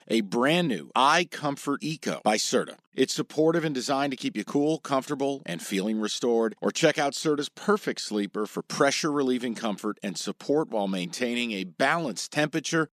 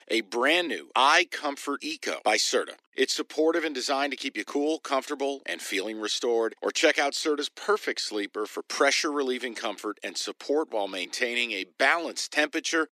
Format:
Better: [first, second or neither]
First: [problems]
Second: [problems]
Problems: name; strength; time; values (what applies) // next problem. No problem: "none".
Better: first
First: none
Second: thin; somewhat; fading below 300 Hz